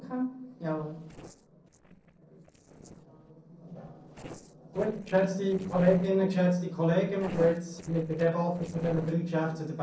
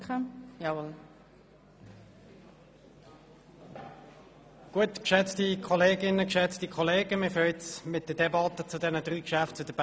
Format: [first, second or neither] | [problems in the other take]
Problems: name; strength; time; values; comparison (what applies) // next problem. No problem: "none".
second | noise reduction (neural separator model SepFormer DNS4)